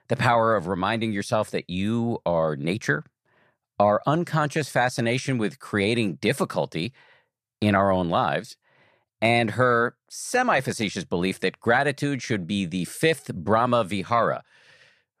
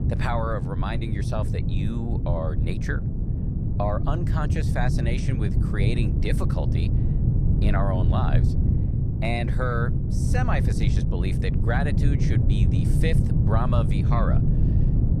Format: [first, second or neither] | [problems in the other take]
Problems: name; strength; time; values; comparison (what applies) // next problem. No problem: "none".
first | low rumble; loud; throughout; 4 dB below the speech